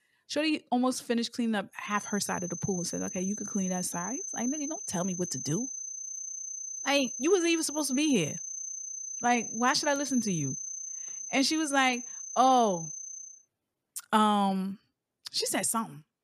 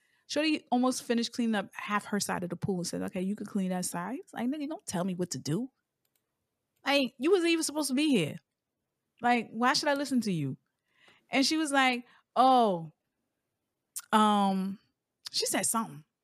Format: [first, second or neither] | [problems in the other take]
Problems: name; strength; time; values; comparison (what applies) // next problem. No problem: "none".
second | high-pitched whine; loud; from 2 to 13 s; 6 kHz, 7 dB below the speech